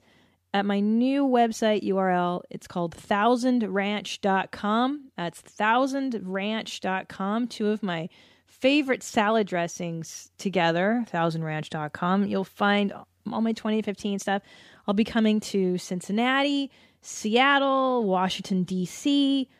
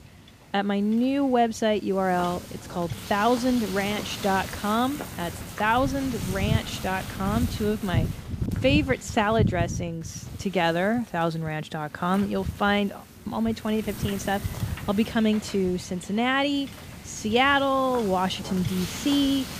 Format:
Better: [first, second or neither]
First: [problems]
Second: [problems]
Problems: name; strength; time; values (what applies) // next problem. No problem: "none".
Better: first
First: none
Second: wind noise on the microphone; occasional gusts; 15 dB below the speech